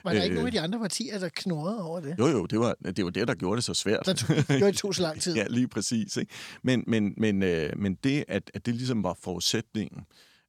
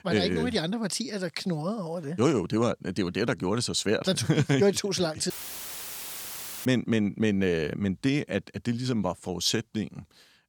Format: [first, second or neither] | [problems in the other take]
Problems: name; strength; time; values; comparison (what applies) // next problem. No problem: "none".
first | audio cutting out; filled with static; at 5.5 s for 1.5 s